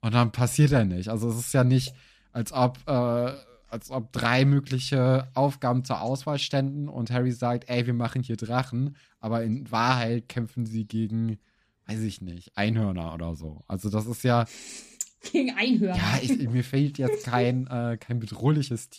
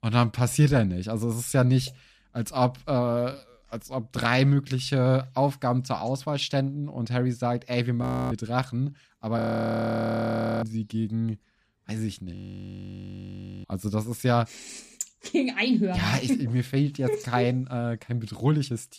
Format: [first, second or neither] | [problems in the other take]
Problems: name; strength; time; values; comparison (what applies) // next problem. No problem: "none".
first | audio freezing; at 8 s, at 9.5 s for 1 s and at 12 s for 1.5 s